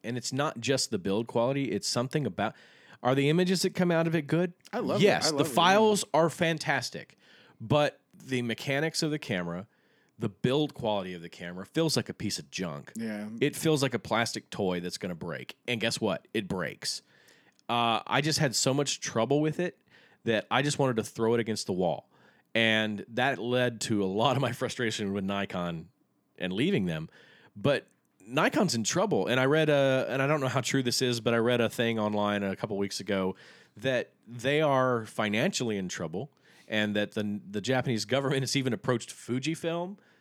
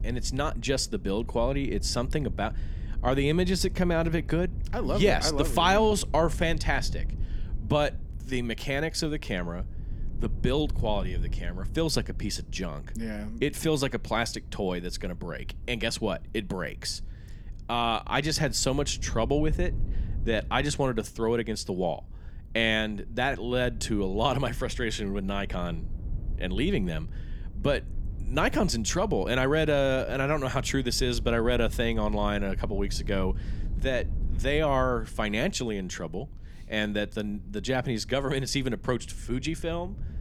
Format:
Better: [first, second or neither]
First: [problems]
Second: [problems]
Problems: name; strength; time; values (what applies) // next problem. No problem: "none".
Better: first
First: none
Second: low rumble; faint; throughout; 25 dB below the speech